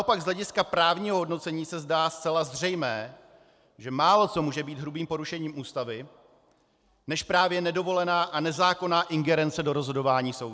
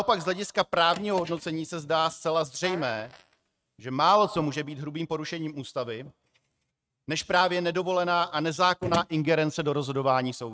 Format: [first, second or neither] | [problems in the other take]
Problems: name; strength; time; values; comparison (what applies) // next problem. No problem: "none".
first | noise reduction (neural mask model RNNoise)